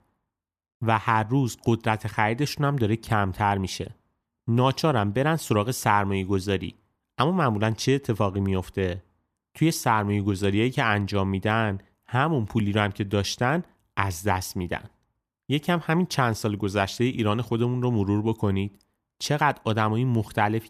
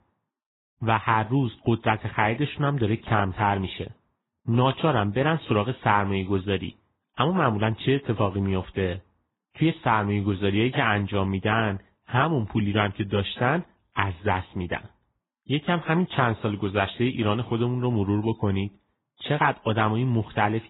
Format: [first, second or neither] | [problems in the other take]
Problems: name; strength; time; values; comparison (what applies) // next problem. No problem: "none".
first | garbled, watery; badly; nothing above 4 kHz